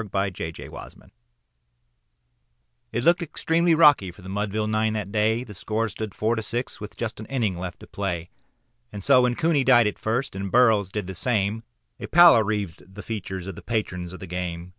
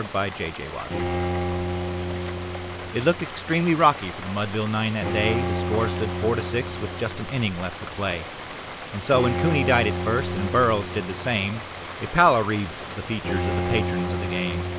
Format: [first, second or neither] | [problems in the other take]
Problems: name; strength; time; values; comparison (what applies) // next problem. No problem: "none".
first | background sound (Bowed string instrument + Rain); 4 dB below the speech